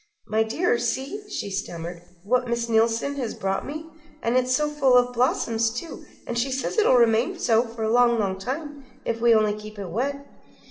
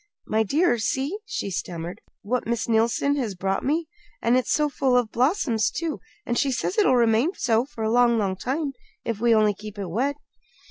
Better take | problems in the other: second | room echo; dies away in 2.6 s

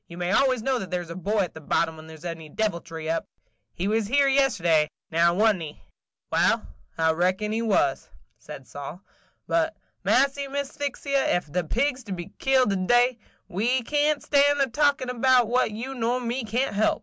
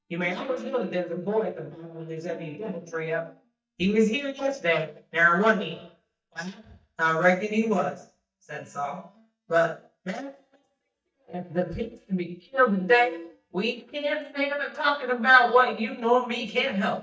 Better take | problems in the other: first | noise reduction (neural mask model DeepFilterNet 3)

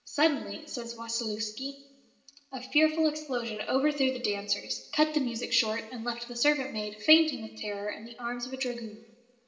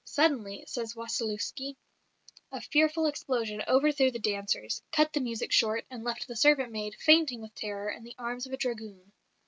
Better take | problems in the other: second | room echo; dies away in 1.4 s

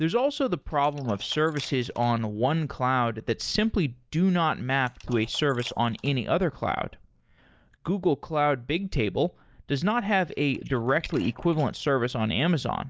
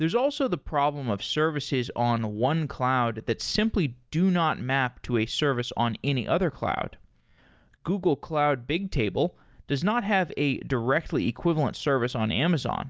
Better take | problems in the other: second | noise reduction (neural mask model Resemble Enhance denoiser)

